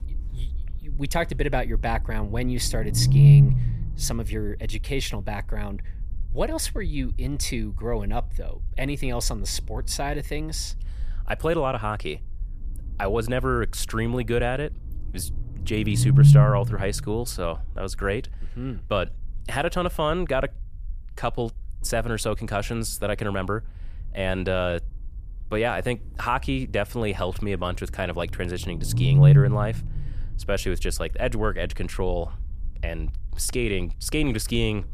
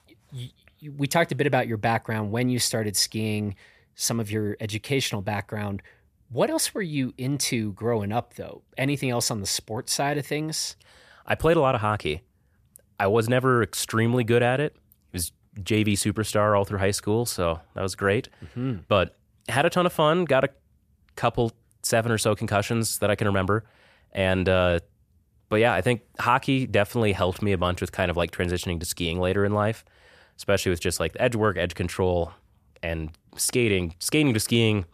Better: second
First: low rumble; loud; throughout; as loud as the speech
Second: none

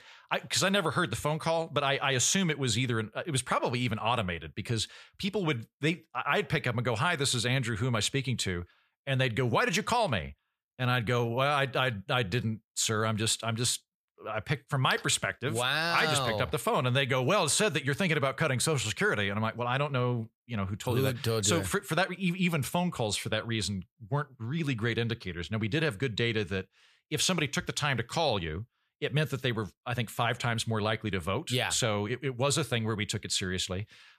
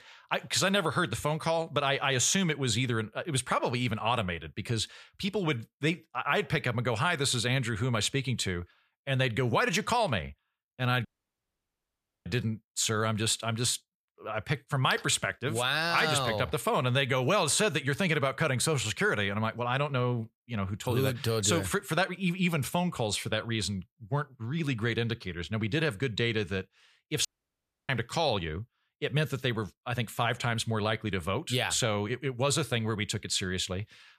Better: first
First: none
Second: audio cutting out; at 11 s for 1 s and at 27 s for 0.5 s

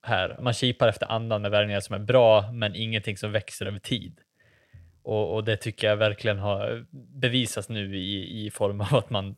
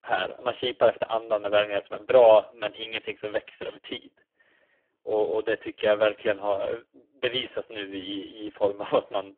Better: first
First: none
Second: phone-call audio; poor line; nothing above 3.5 kHz

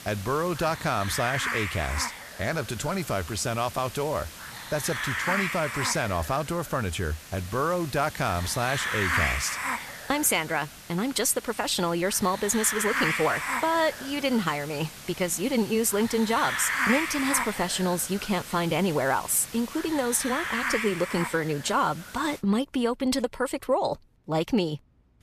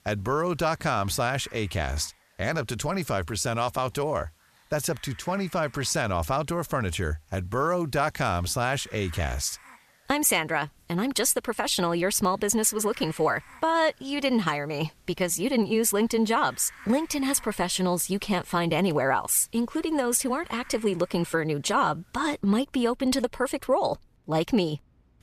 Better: second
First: hiss; loud; until 22 s; 5 dB below the speech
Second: hiss; faint; until 22 s; 25 dB below the speech

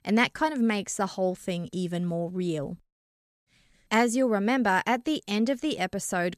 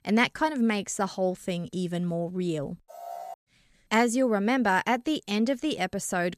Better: first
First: none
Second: alarm; faint; at 3 s; peak 10 dB below the speech

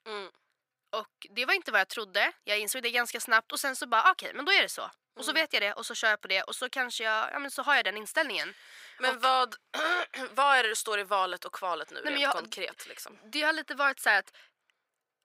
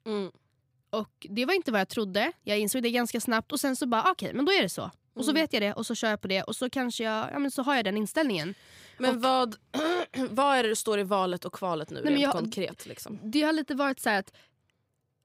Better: second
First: thin; very; fading below 600 Hz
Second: none

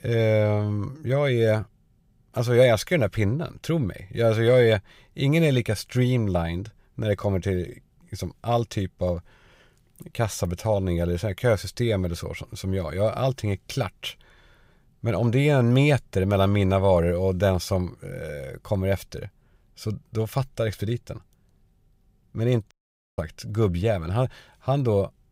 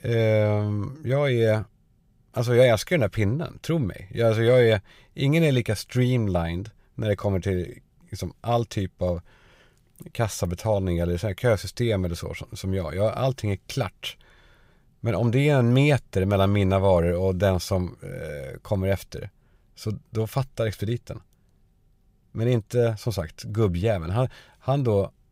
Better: second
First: audio cutting out; at 23 s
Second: none

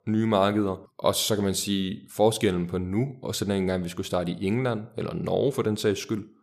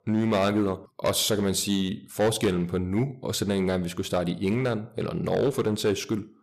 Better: first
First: none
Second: distortion; slight; 6% of the sound clipped

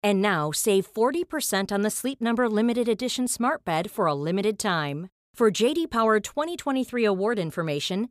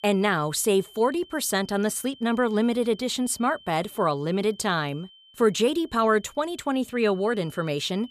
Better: first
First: none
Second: high-pitched whine; faint; throughout; 3 kHz, 25 dB below the speech

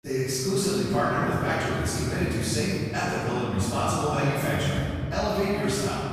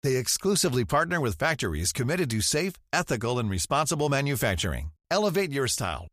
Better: second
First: off-mic speech; far // room echo; strong; dies away in 2.7 s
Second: none

